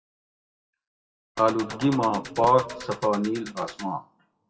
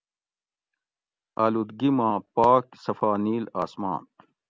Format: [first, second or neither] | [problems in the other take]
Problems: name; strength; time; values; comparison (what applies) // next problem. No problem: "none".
second | noise reduction (classical method WPE with log-MMSE)